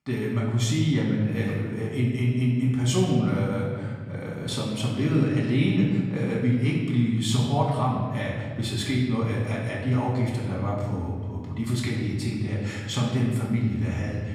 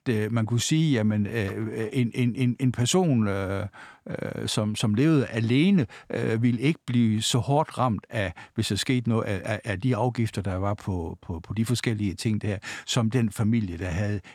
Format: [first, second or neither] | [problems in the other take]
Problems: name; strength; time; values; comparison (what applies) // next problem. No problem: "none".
second | off-mic speech; far // room echo; noticeable; dies away in 1.7 s